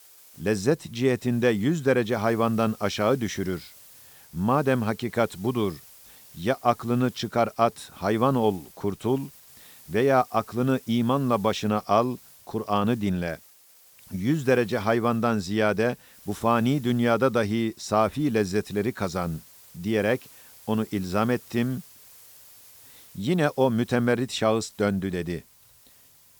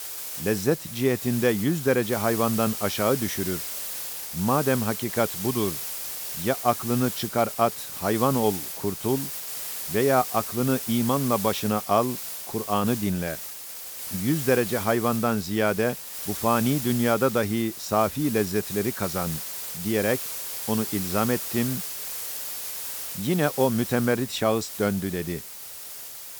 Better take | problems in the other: first | hiss; loud; throughout; 6 dB below the speech; faint in the first

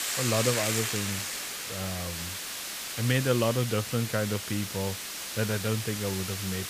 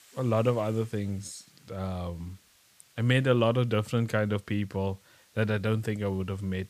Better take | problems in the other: second | hiss; loud; throughout; 2 dB below the speech; faint in the second

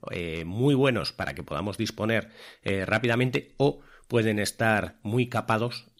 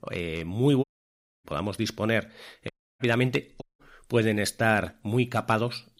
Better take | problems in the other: first | audio cutting out; at 1 s for 0.5 s, at 2.5 s and at 3.5 s

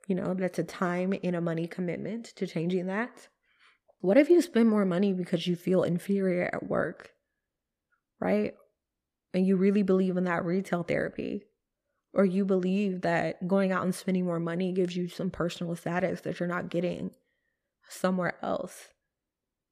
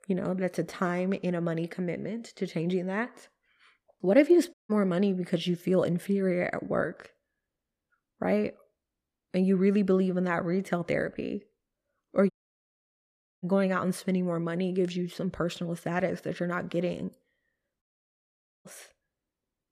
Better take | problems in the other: first | audio cutting out; at 4.5 s, at 12 s for 1 s and at 18 s for 1 s

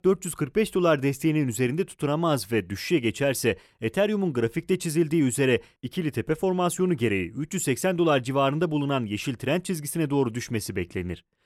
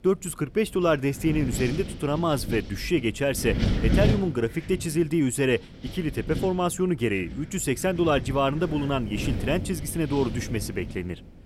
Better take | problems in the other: first | wind noise on the microphone; occasional gusts; 10 dB below the speech

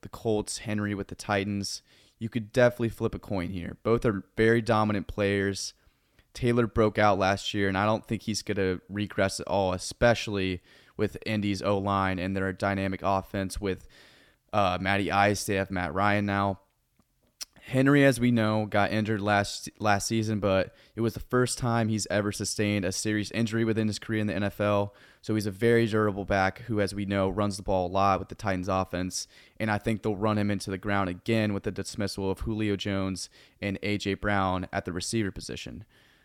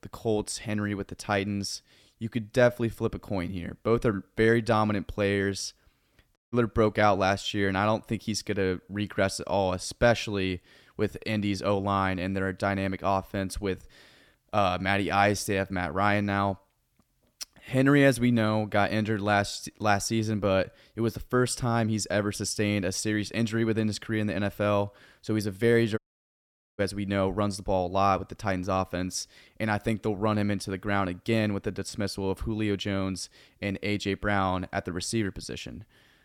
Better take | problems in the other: first | audio cutting out; at 6.5 s and at 26 s for 1 s

